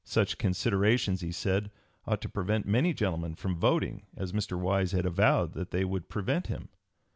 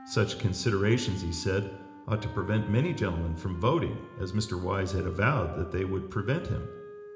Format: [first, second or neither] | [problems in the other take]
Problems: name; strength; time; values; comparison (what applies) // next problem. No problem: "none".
first | background sound (Wind instrument, woodwind instrument); 17 dB below the speech // room echo; dies away in 0.8 s